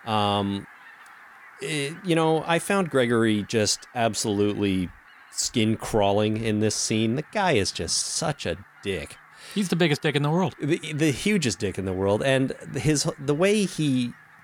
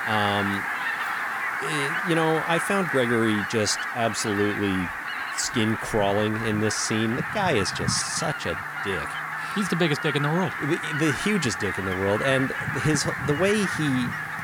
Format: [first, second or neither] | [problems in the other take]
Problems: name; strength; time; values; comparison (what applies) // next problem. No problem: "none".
first | animal sounds; loud; throughout; 3 dB below the speech; faint in the first